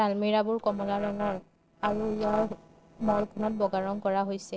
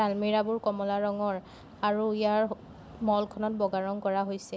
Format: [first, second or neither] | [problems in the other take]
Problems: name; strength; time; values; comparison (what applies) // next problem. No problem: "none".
second | noise reduction (neural separator model SepFormer DNS4)